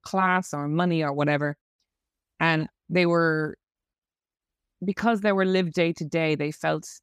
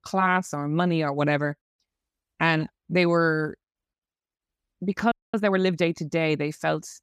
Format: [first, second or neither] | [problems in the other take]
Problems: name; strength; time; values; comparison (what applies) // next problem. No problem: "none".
first | audio freezing; at 5 s